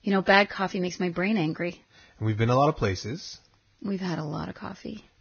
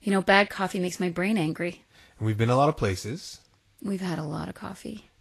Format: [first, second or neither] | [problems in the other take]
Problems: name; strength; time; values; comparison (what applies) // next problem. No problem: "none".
second | garbled, watery; badly; nothing above 6.5 kHz; slightly in the second